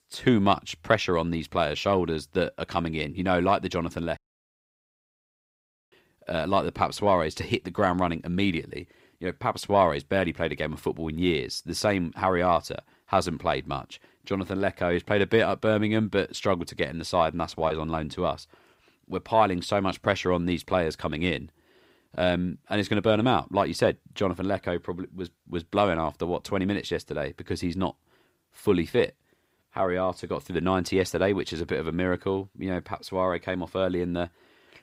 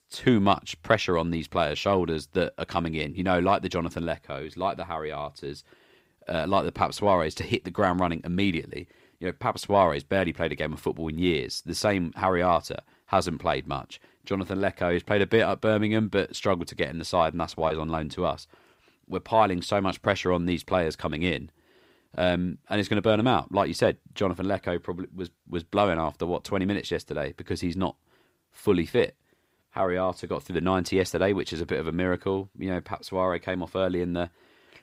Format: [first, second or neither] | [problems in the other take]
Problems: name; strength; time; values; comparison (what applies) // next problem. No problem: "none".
second | audio cutting out; at 4 s for 2 s